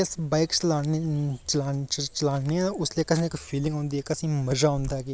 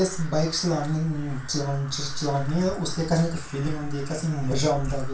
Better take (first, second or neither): first